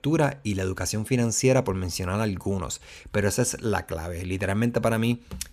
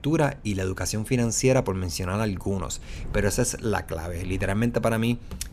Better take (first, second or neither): first